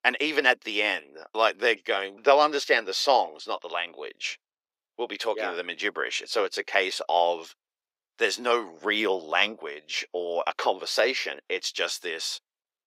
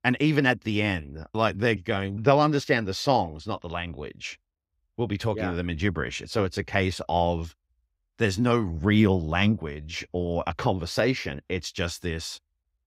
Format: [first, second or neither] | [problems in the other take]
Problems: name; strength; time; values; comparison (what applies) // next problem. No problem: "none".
second | thin; very; fading below 400 Hz